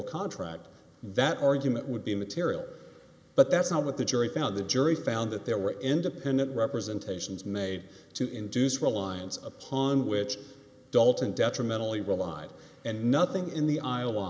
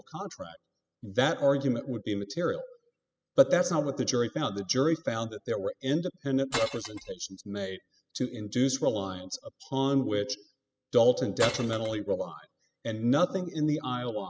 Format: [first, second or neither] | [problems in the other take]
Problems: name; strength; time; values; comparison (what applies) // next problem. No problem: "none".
first | noise reduction (classical method spectral subtraction)